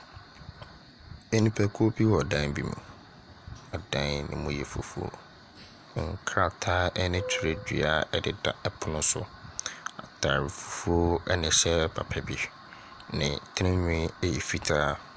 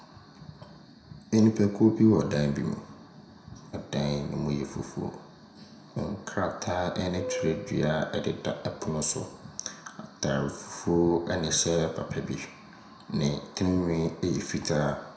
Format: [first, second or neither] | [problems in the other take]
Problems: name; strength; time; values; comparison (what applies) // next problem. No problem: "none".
first | room echo; dies away in 0.6 s